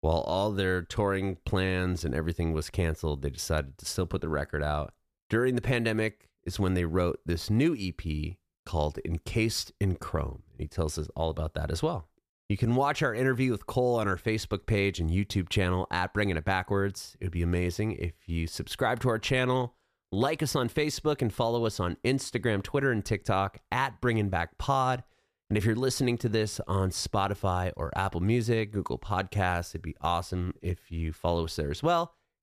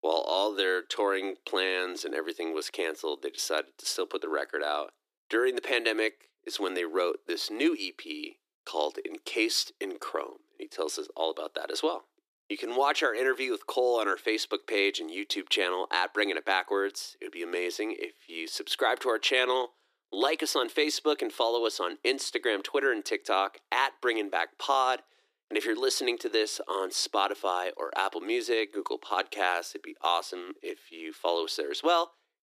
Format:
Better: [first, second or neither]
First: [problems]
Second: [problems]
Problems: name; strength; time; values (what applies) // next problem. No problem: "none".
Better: first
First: none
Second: thin; very; fading below 300 Hz